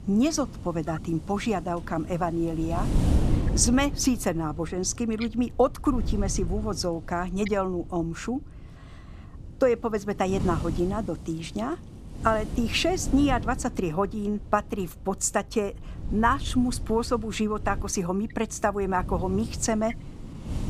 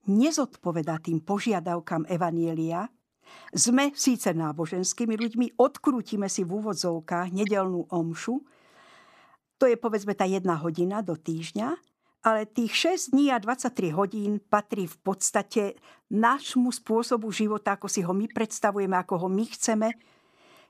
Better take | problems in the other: second | wind noise on the microphone; occasional gusts; 15 dB below the speech

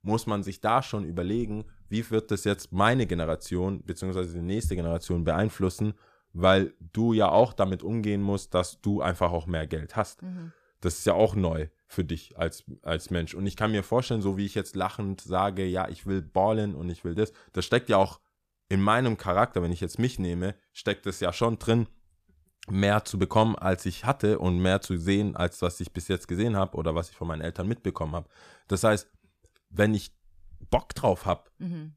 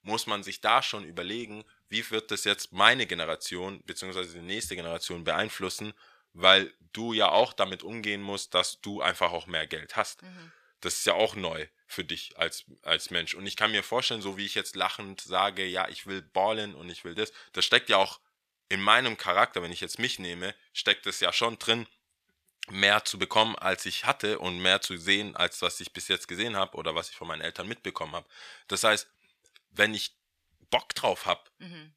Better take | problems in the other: first | thin; somewhat; fading below 1 kHz

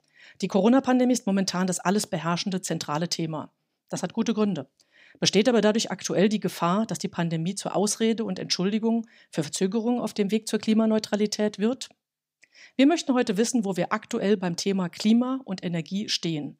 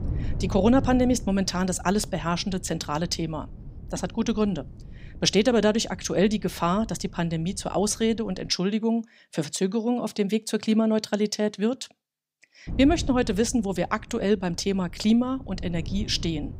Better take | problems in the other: first | wind noise on the microphone; occasional gusts; until 8.5 s and from 13 s on; 25 dB below the speech

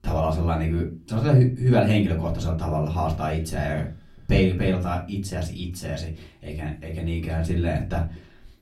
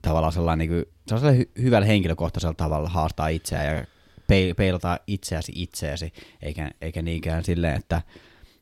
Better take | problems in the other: second | off-mic speech; far // room echo; very slight; dies away in 0.3 s

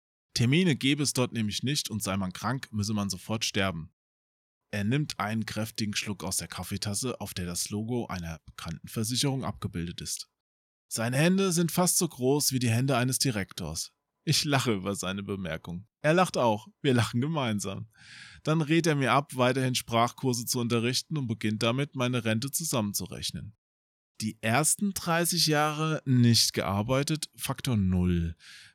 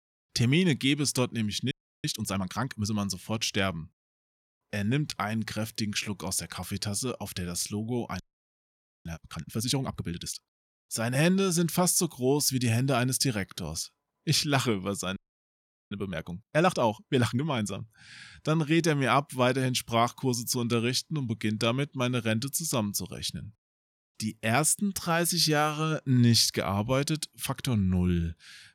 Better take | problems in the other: first | audio freezing; at 1.5 s, at 8 s for 1 s and at 15 s for 1 s

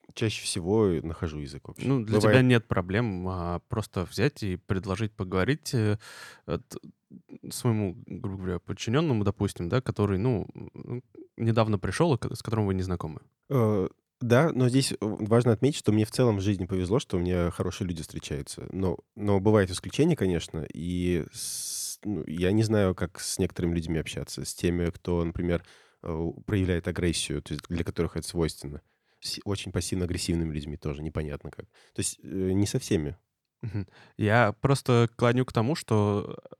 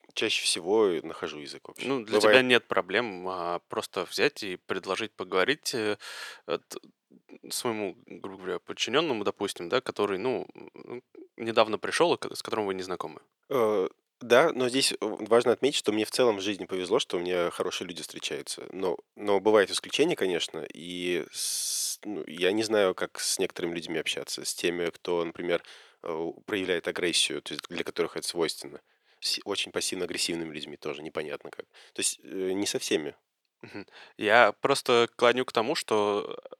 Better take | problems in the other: first | thin; somewhat; fading below 450 Hz

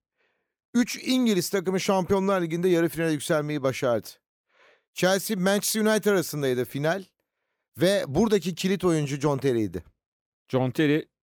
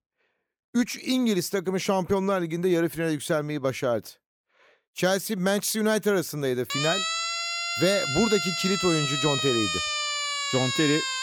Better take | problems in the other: first | siren; loud; from 6.5 s on; peak 1 dB above the speech

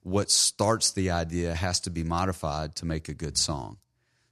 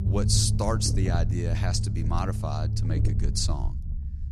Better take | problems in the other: first | low rumble; loud; throughout; 9 dB below the speech

